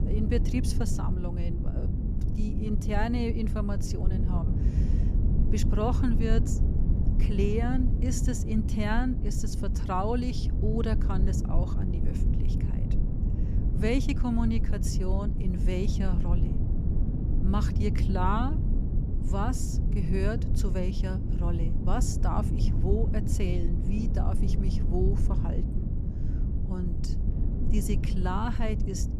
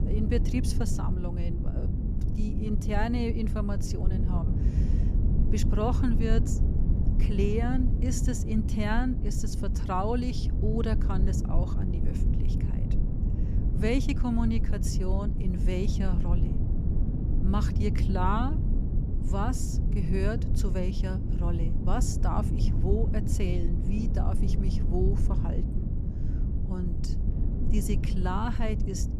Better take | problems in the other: neither | low rumble; loud; throughout; 6 dB below the speech; the same in both

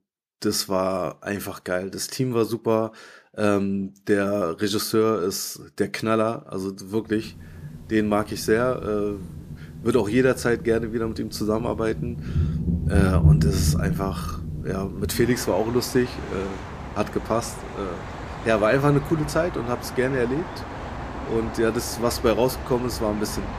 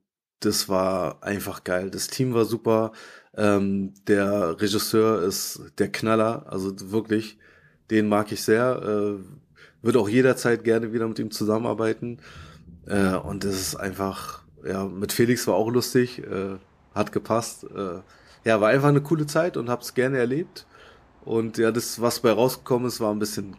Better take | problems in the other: second | rain or running water; loud; from 7 s on; 5 dB below the speech; faint in the second

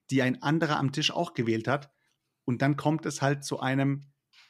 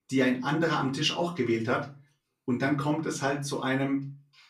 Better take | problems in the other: first | off-mic speech; far // room echo; very slight; dies away in 0.3 s

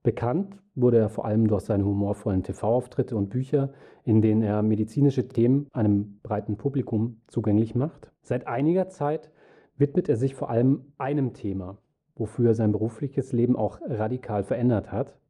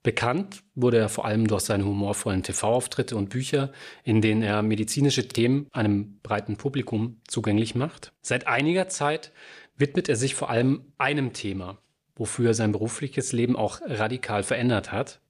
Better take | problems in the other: second | muffled; very; fading above 1.5 kHz

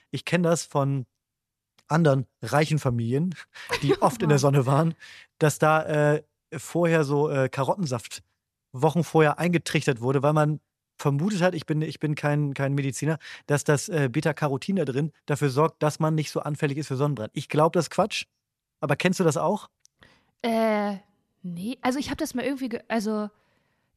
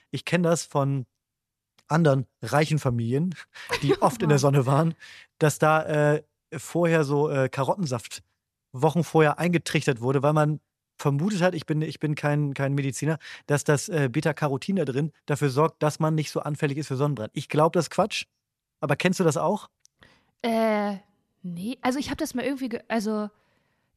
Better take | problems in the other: neither | none

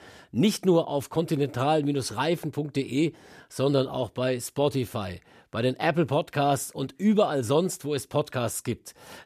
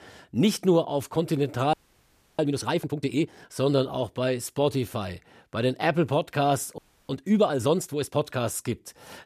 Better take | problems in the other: first | audio freezing; at 1.5 s for 0.5 s and at 7 s

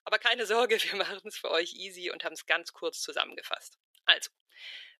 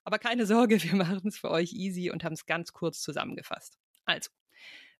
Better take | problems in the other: second | thin; very; fading below 400 Hz

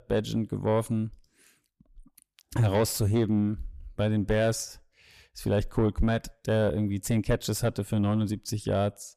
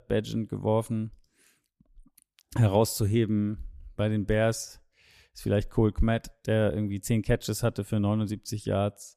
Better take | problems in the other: second | distortion; slight; 10 dB below the speech

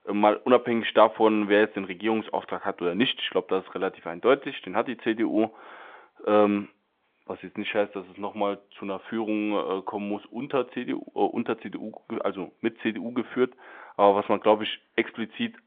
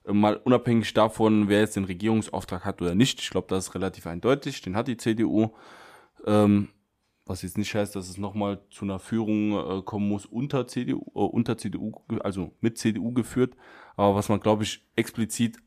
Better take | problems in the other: second | phone-call audio; nothing above 3.5 kHz

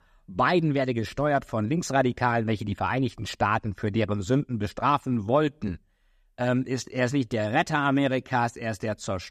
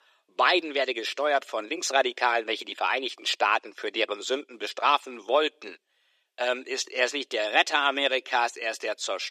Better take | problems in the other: first | thin; very; fading below 350 Hz

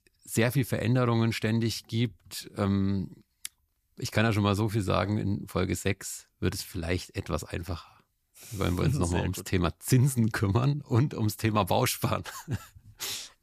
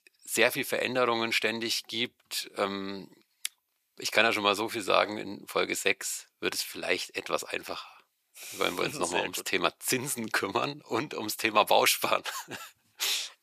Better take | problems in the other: first | thin; very; fading below 500 Hz

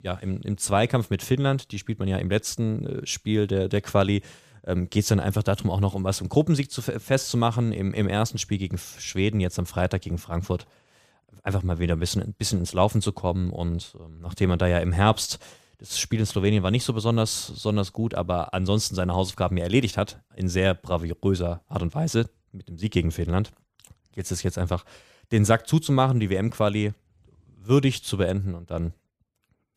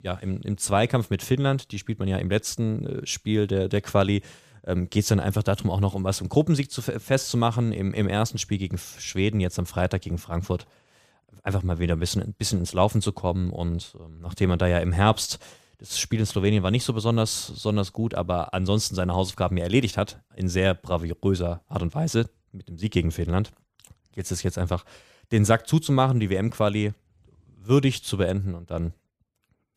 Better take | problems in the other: neither | none

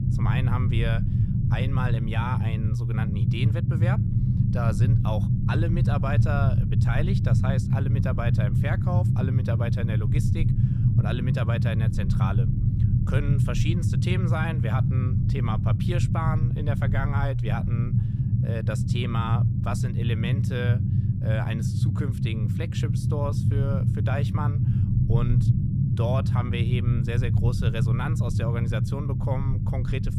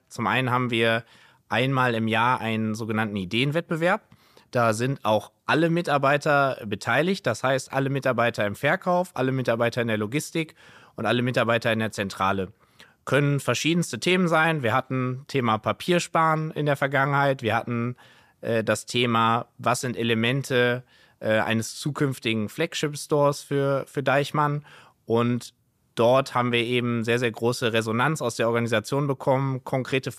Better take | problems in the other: second | low rumble; loud; throughout; 2 dB below the speech

